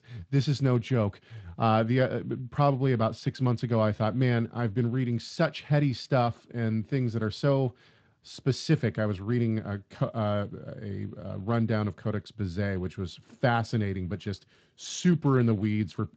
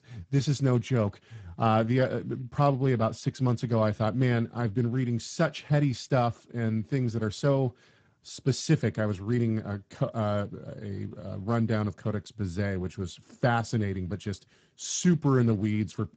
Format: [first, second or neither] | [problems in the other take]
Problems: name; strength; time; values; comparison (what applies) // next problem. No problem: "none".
first | garbled, watery; badly; nothing above 7.5 kHz; slightly in the first